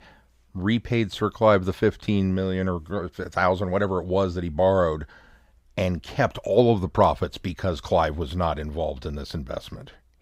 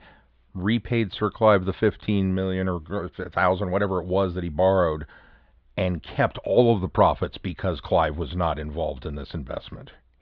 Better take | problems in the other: first | muffled; slightly; fading above 3.5 kHz

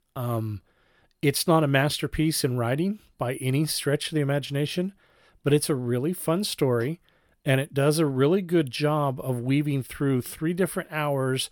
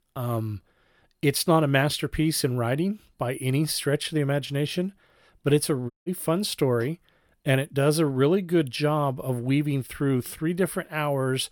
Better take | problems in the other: first | audio cutting out; at 6 s

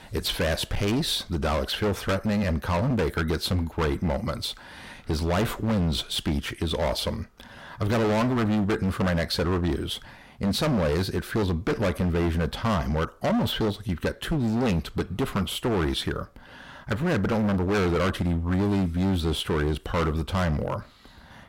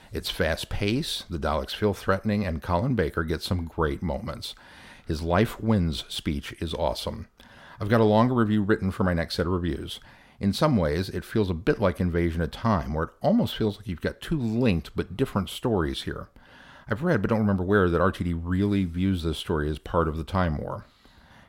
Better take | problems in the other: second | distortion; heavy; 20% of the sound clipped

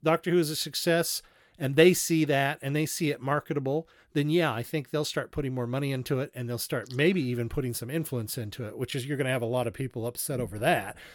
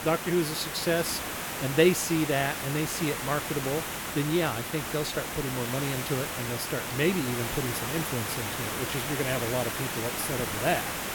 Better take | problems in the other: first | hiss; loud; throughout; 2 dB below the speech

